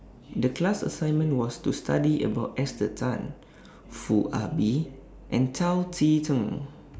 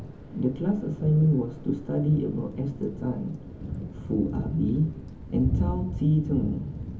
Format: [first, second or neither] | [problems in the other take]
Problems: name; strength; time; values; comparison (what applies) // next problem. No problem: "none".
first | background sound (Thunder / Rain); 7 dB below the speech // room echo; dies away in 0.3 s